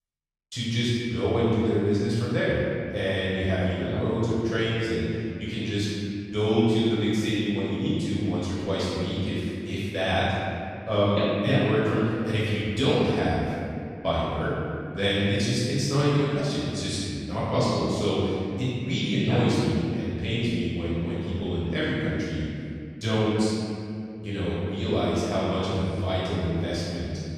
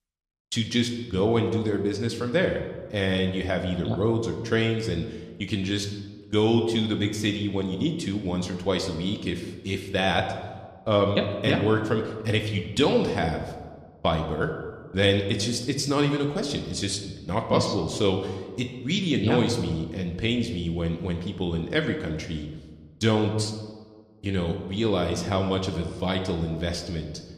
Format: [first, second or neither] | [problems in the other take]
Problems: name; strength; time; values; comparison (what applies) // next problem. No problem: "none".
second | room echo; strong; dies away in 2.3 s; slight in the second // off-mic speech; far